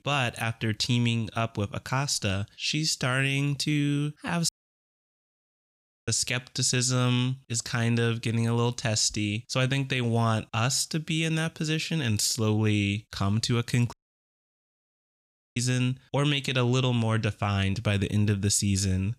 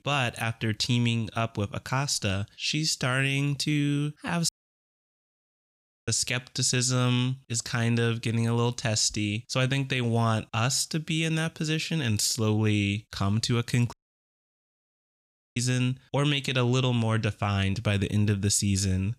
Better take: neither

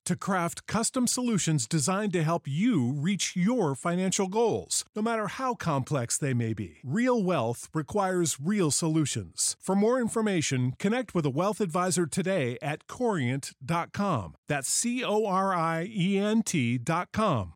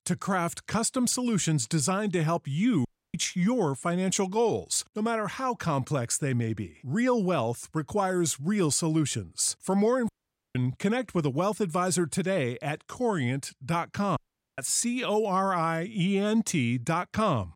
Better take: first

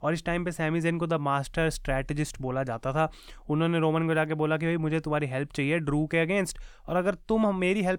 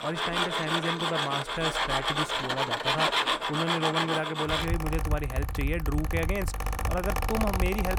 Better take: first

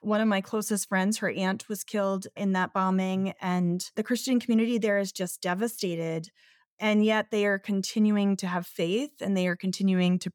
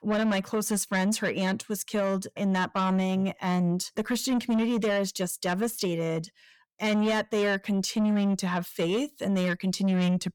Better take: first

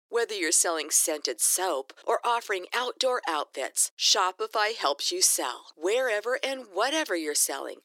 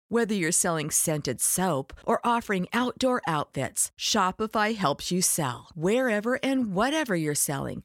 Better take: second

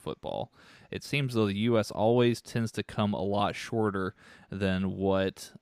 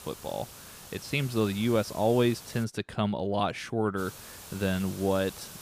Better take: first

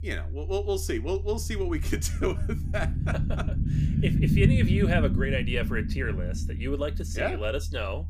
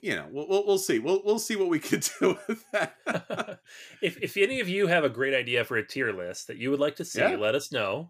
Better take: second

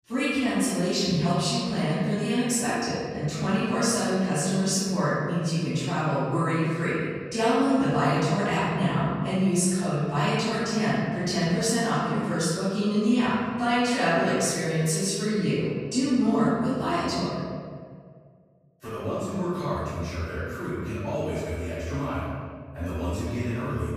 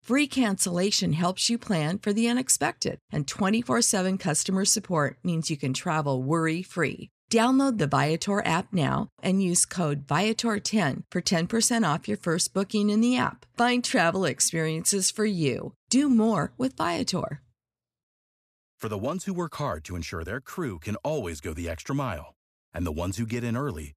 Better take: second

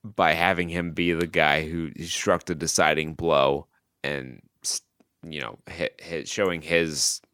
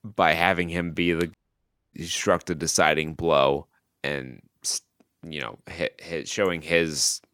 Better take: first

